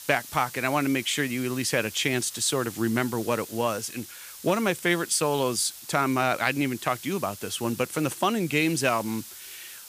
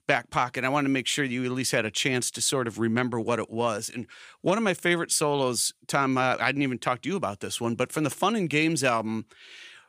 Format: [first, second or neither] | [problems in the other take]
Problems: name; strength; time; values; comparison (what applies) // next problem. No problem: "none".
second | hiss; noticeable; throughout; 15 dB below the speech